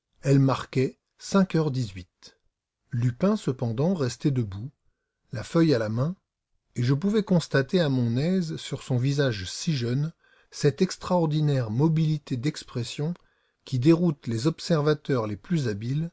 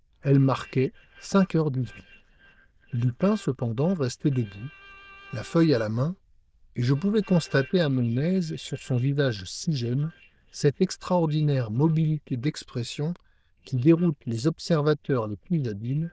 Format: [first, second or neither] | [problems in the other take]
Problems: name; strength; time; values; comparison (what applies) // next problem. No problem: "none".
first | noise reduction (neural diffusion model UNIVERSE++)